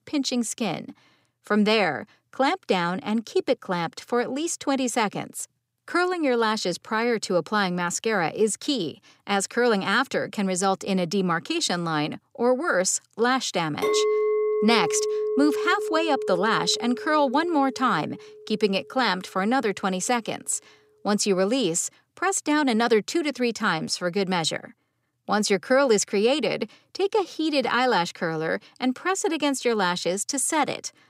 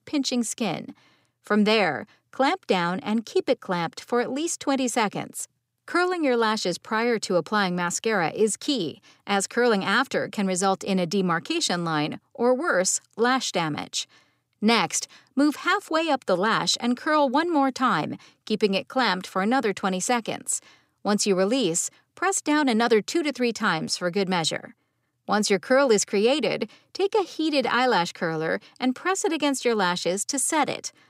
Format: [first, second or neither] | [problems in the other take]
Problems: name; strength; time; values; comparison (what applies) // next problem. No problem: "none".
second | clattering dishes; loud; from 14 to 18 s; peak 2 dB above the speech